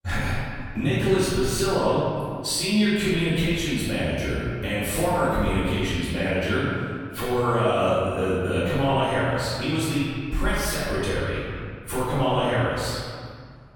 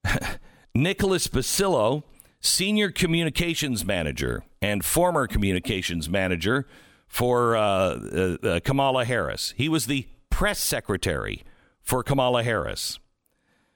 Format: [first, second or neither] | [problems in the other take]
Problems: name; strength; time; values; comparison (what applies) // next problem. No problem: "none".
second | off-mic speech; far // room echo; strong; dies away in 2 s